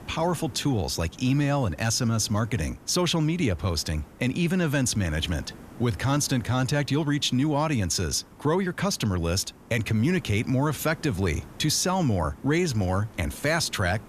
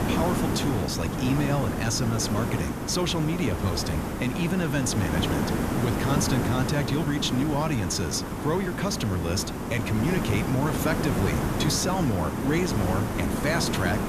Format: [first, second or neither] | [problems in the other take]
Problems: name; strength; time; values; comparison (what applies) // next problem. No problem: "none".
first | hiss; loud; throughout; 1 dB below the speech; faint in the first